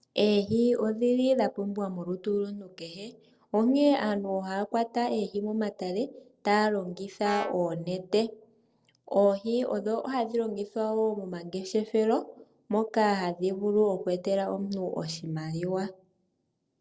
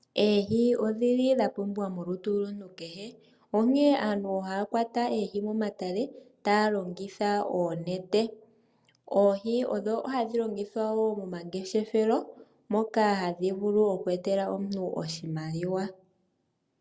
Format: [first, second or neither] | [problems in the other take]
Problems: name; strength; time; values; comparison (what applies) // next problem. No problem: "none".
second | noise reduction (neural separator model SepFormer DNS4)